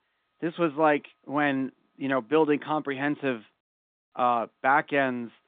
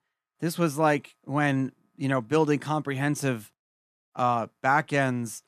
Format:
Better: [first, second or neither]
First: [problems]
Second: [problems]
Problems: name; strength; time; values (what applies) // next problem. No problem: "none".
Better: second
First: phone-call audio; nothing above 3.5 kHz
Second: none